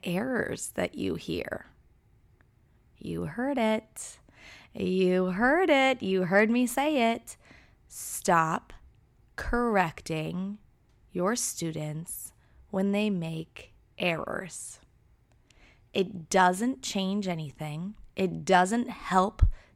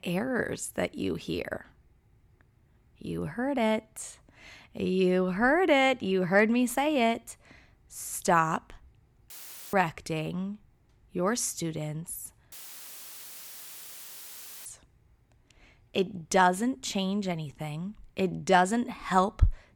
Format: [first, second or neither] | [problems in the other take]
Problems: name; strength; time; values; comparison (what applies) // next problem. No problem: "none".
first | audio cutting out; filled with static; at 9.5 s and at 13 s for 2 s